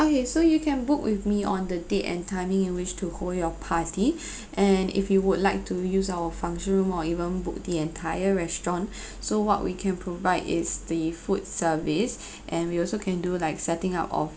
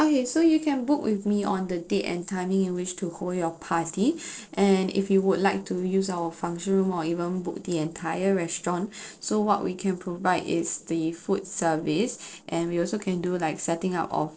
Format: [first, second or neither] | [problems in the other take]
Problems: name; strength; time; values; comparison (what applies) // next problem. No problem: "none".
first | noise reduction (neural separator model SepFormer DNS4)